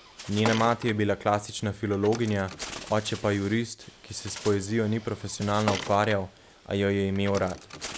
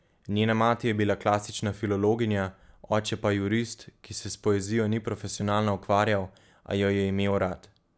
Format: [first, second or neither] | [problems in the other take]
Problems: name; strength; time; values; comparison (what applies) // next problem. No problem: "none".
second | background sound (Bird); 12 dB below the speech